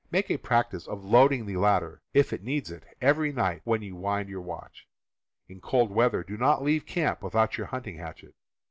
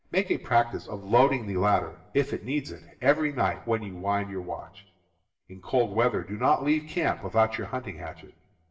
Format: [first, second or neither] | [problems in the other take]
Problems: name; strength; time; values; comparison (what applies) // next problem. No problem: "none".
first | room echo; dies away in 0.7 s